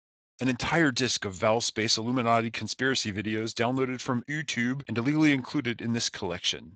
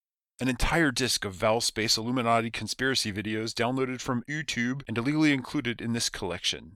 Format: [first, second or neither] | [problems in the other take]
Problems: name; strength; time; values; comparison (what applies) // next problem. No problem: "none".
second | garbled, watery; slightly; nothing above 7.5 kHz